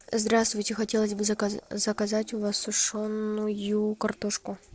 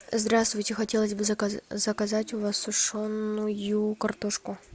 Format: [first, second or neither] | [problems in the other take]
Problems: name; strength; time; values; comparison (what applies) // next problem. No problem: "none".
second | noise reduction (neural separator model SepFormer DNS4)